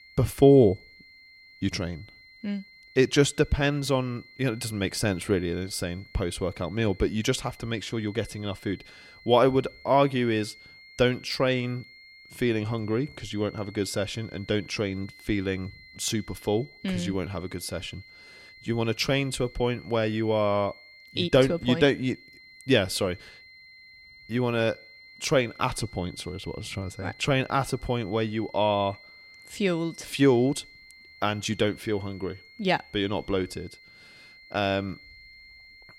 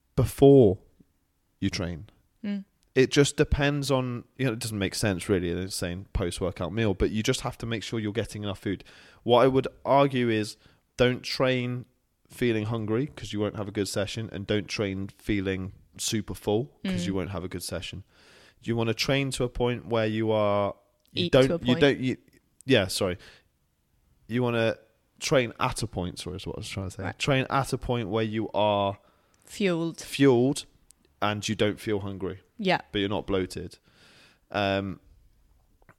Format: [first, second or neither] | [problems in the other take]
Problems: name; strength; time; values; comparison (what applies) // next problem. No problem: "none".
second | high-pitched whine; faint; throughout; 2 kHz, 20 dB below the speech